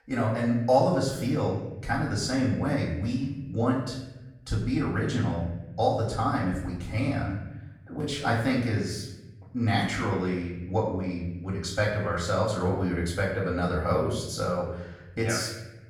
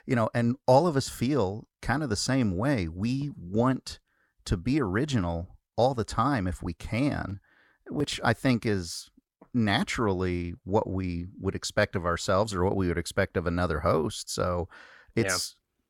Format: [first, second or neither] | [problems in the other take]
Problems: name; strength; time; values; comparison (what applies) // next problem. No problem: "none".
second | off-mic speech; far // room echo; noticeable; dies away in 0.9 s